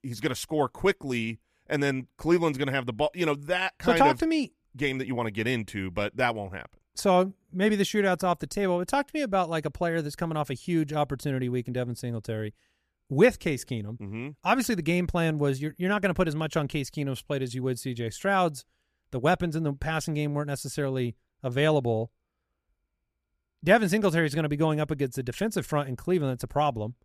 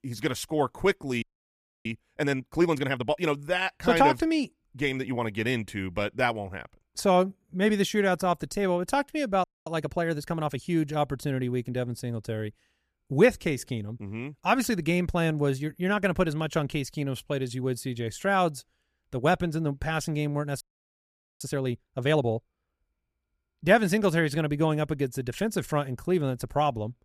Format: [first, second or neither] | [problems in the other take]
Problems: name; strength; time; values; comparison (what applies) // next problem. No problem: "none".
first | audio freezing; at 1 s for 0.5 s, at 9.5 s and at 21 s for 1 s